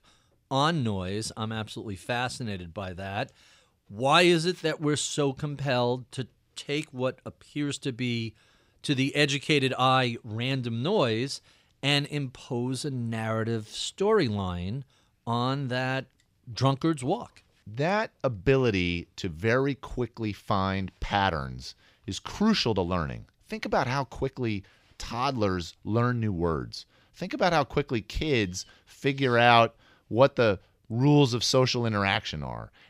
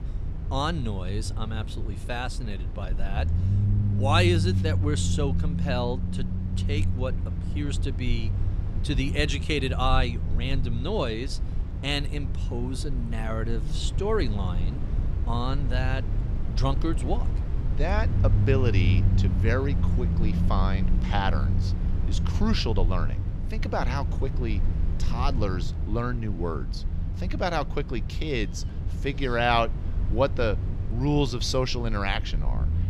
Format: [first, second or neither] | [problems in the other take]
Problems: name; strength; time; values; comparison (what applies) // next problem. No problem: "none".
first | low rumble; noticeable; throughout; 10 dB below the speech